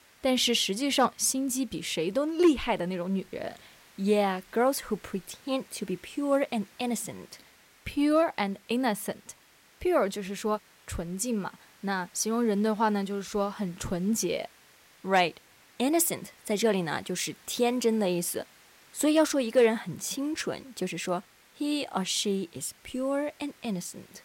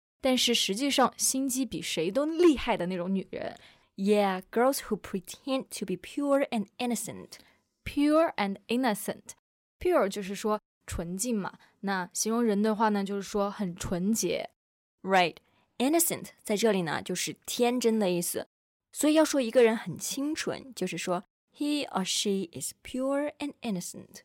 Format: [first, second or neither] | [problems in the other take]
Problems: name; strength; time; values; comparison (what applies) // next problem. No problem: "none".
second | hiss; faint; throughout; 25 dB below the speech